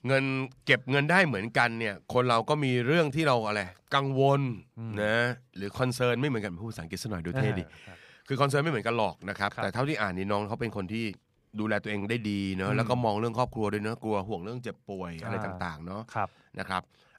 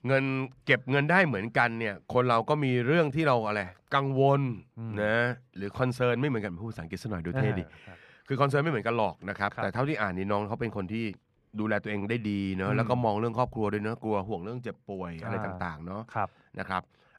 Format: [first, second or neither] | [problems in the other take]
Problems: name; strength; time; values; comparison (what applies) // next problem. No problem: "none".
first | muffled; very slightly; fading above 3.5 kHz